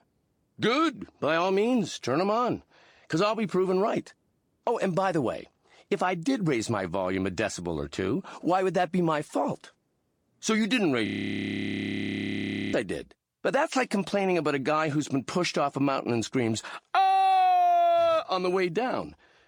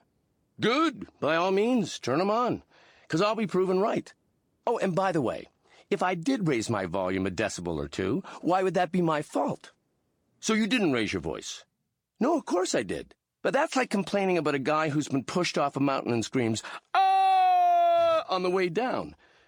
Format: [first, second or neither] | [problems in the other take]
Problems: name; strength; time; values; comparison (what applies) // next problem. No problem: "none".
second | audio freezing; at 11 s for 1.5 s